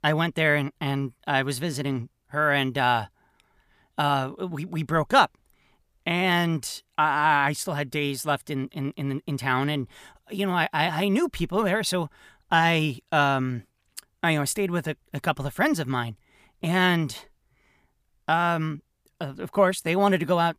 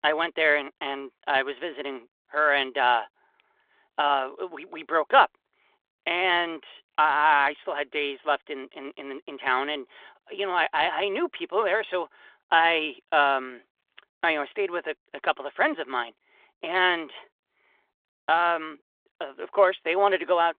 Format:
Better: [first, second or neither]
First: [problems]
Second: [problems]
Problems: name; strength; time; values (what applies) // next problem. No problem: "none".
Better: first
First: none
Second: phone-call audio; nothing above 3.5 kHz